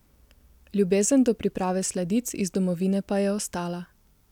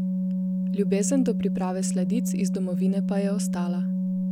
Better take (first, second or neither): first